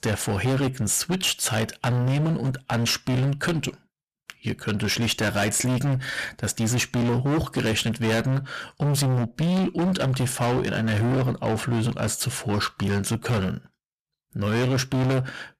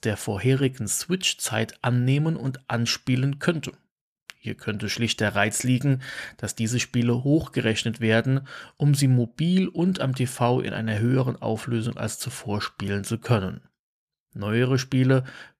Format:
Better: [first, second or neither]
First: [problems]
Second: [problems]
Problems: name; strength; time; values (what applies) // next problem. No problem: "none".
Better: second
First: distortion; heavy; 25% of the sound clipped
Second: none